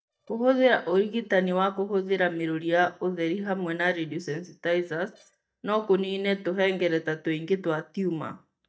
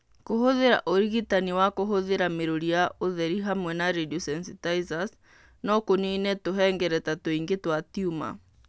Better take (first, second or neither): second